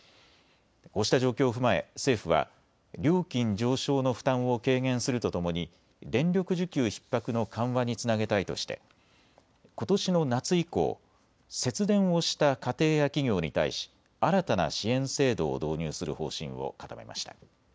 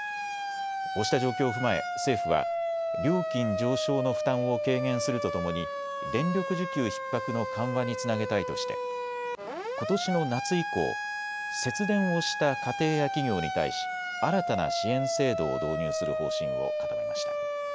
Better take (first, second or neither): first